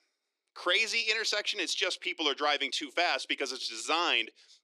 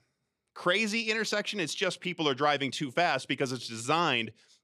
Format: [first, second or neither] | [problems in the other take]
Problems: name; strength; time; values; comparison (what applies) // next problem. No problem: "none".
second | thin; somewhat; fading below 300 Hz